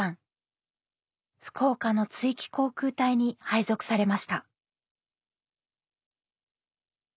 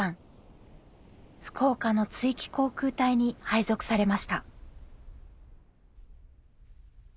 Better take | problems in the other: first | background sound (Waves, surf); 19 dB below the speech

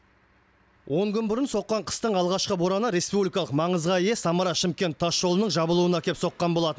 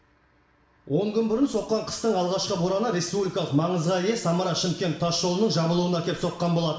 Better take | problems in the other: first | room echo; dies away in 0.8 s

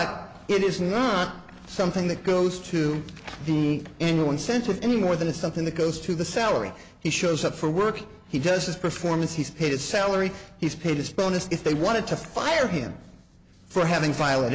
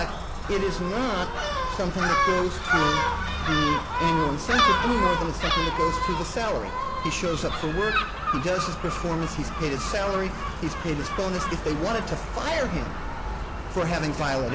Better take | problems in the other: first | background sound (Gull, seagull); 1 dB above the speech

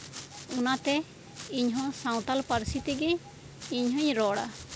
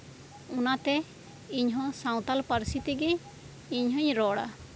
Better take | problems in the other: second | background sound (Domestic sounds, home sounds); 16 dB below the speech

